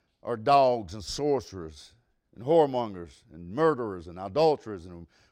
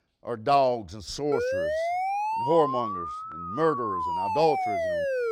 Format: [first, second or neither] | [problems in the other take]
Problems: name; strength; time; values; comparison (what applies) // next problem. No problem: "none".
first | siren; noticeable; from 1.5 s on; peak level with the speech